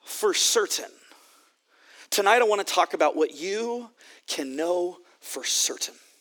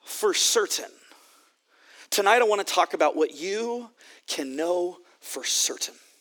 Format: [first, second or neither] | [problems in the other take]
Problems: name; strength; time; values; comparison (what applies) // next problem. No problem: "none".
neither | thin; somewhat; fading below 300 Hz; the same in both